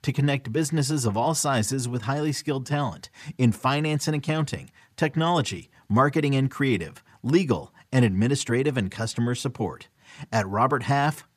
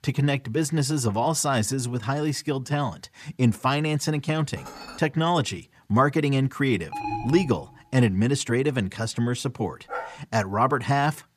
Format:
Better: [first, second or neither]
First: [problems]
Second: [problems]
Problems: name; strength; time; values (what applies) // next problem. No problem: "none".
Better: first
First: none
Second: clattering dishes; faint; at 4.5 s; peak 15 dB below the speech // alarm; noticeable; at 7 s; peak 6 dB below the speech // dog barking; noticeable; at 10 s; peak 10 dB below the speech